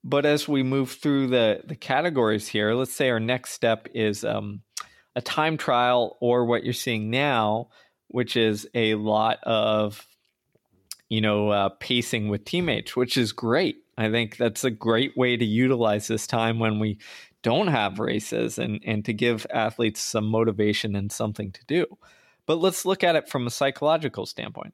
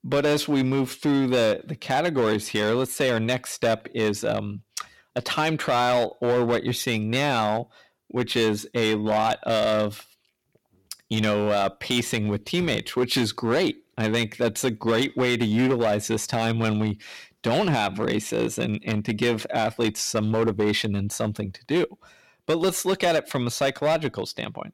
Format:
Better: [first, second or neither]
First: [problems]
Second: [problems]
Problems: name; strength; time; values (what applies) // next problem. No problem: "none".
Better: first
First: none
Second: distortion; slight; 8% of the sound clipped